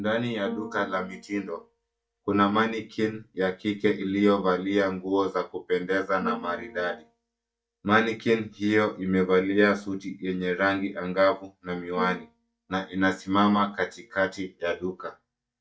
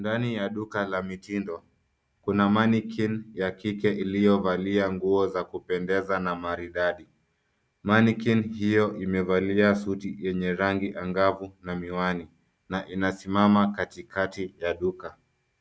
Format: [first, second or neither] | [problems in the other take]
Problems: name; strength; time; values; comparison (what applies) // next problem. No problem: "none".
second | noise reduction (neural mask model DeepFilterNet 3)